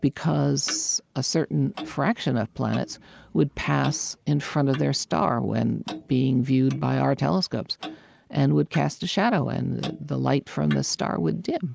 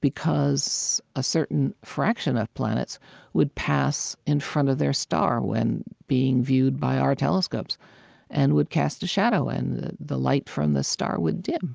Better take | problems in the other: second | background sound (Clock); 19 dB below the speech

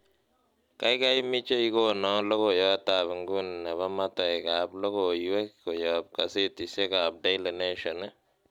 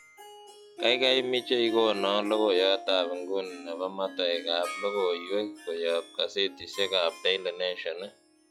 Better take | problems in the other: first | noise reduction (classical method log-MMSE)

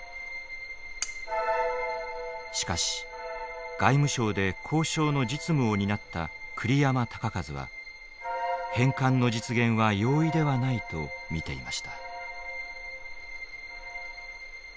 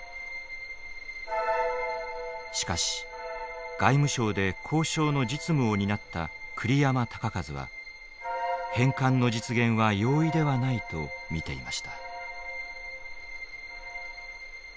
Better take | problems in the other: second | background sound (Cutlery, silverware); 9 dB below the speech

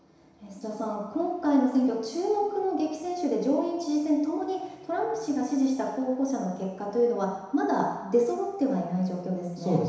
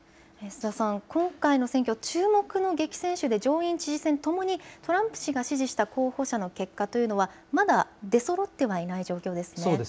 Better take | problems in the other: second | room echo; dies away in 1 s

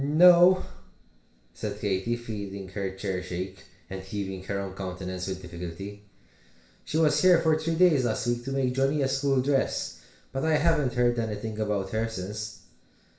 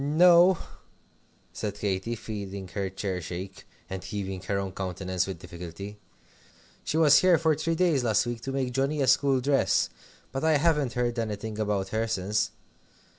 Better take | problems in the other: second | room echo; dies away in 0.5 s

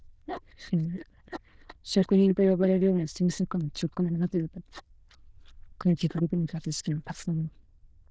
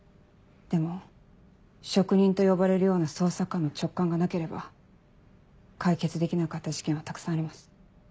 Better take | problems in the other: second | noise reduction (neural diffusion model UNIVERSE++)

